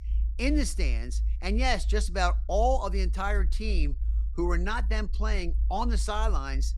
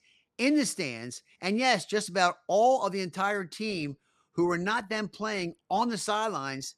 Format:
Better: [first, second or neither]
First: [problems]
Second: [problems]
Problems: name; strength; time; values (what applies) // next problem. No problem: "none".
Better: second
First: low rumble; faint; throughout; 20 dB below the speech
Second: none